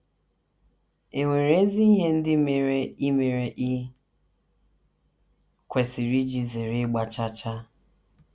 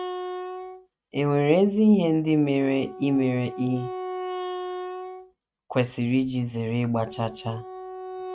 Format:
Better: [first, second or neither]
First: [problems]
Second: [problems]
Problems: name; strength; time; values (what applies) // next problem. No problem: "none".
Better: first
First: none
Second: noise reduction (neural mask model RNNoise)